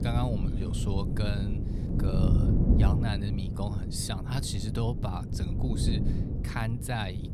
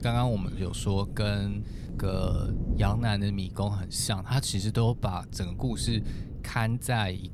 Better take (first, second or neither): second